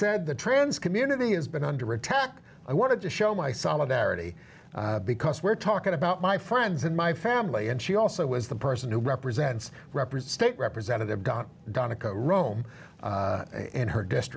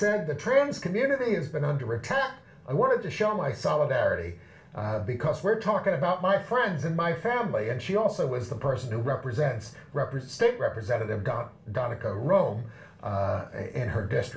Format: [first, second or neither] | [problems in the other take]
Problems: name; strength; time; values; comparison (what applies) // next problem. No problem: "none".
first | room echo; dies away in 0.3 s